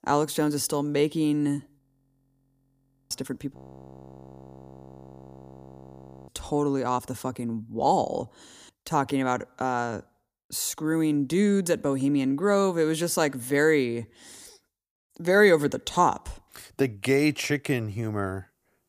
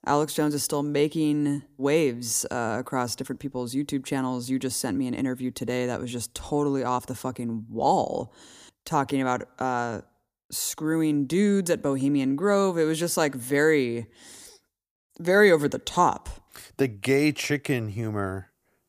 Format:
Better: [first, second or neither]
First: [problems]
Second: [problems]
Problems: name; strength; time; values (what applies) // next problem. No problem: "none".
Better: second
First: audio freezing; at 2 s for 1.5 s and at 3.5 s for 2.5 s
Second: none